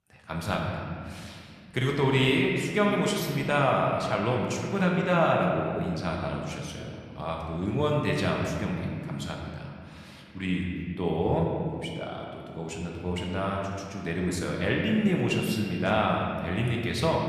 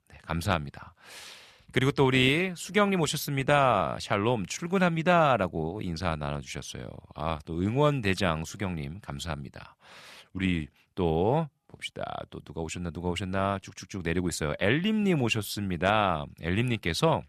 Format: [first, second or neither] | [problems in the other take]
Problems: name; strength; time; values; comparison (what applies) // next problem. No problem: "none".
second | room echo; noticeable; dies away in 2.1 s // off-mic speech; somewhat distant